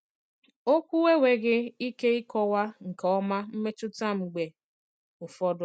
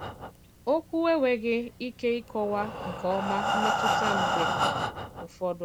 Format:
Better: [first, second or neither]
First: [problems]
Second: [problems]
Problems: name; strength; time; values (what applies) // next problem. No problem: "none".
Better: first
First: none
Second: background sound (Breathing); 1 dB below the speech